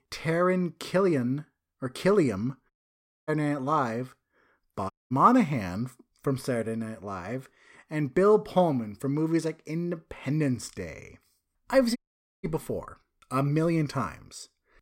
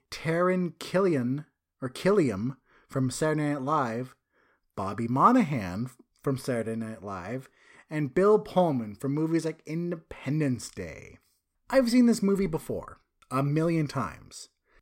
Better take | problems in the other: second | audio cutting out; at 2.5 s for 0.5 s, at 5 s and at 12 s

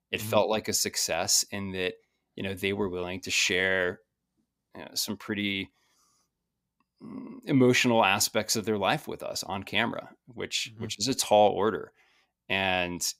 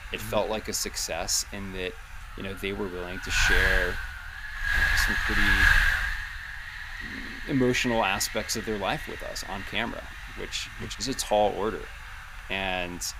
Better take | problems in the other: first | wind noise on the microphone; heavy; 3 dB above the speech

